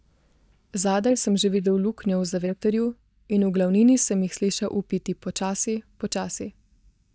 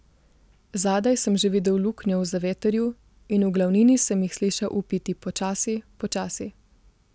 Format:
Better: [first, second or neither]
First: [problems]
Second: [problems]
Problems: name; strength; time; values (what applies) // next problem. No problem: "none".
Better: second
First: noise reduction (neural mask model DeepFilterNet 3)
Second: none